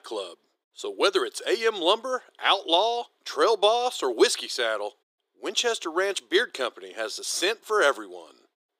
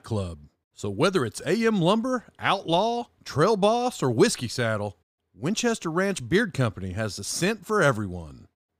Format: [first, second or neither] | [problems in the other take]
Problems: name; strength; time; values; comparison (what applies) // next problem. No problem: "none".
second | thin; very; fading below 350 Hz